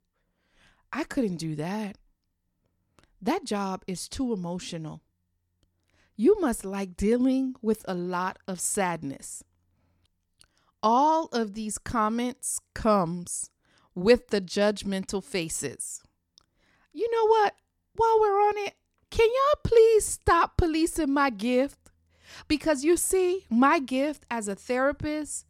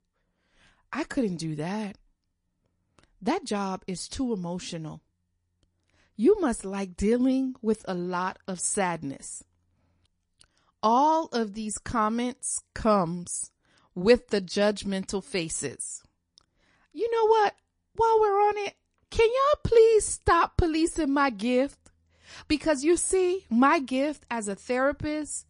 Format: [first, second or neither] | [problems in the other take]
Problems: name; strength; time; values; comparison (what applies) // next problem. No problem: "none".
first | garbled, watery; slightly; nothing above 10.5 kHz